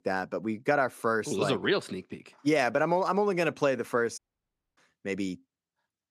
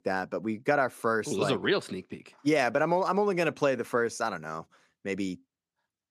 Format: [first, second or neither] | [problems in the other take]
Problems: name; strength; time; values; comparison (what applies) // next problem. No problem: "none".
second | audio cutting out; at 4 s for 0.5 s